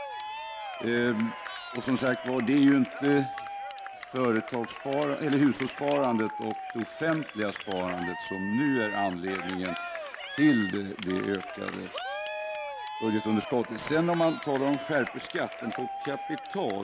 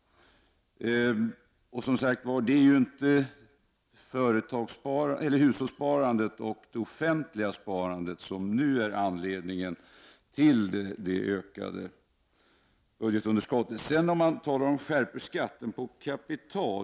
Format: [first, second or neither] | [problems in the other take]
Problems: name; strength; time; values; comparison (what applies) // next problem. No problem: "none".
second | background sound (Cheering); 9 dB below the speech